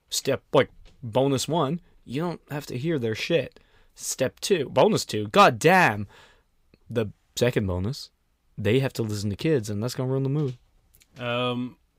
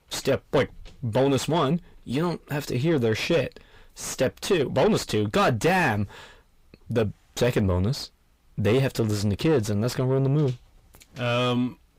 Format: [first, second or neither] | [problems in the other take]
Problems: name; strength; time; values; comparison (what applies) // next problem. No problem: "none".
first | distortion; heavy; 5 dB below the speech